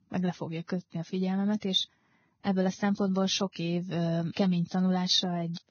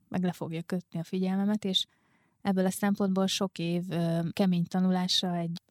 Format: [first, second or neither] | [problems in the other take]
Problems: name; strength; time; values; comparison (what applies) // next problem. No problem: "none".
second | garbled, watery; badly; nothing above 6.5 kHz